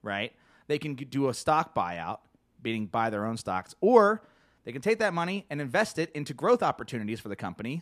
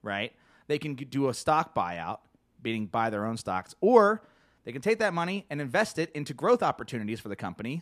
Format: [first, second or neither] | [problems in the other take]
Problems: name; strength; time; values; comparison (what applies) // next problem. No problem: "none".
neither | none